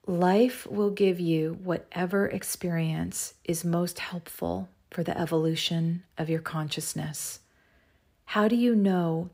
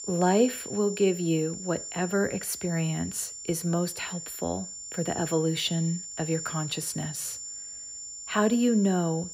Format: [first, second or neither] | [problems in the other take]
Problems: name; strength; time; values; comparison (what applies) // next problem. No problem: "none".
first | high-pitched whine; loud; throughout; 7 kHz, 8 dB below the speech